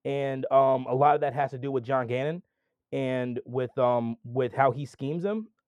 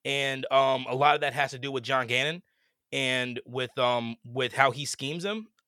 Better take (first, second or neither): second